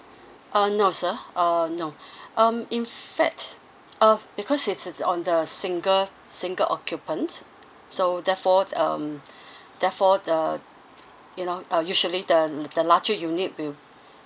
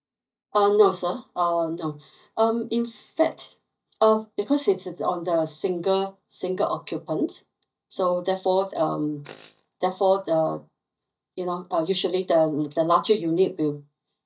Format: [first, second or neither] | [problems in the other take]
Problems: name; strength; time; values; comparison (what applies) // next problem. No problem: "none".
first | noise reduction (neural mask model DeepFilterNet 3)